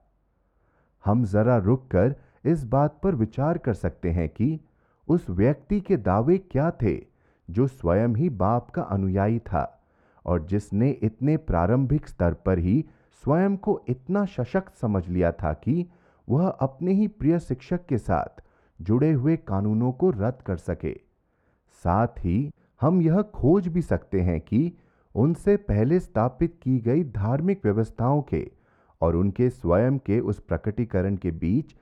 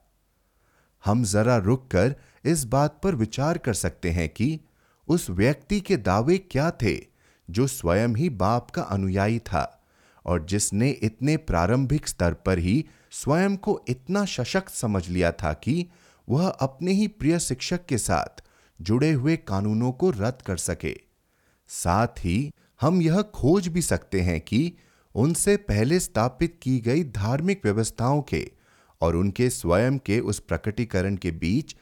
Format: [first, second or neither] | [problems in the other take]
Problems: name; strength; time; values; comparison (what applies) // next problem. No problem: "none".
second | muffled; very; fading above 2.5 kHz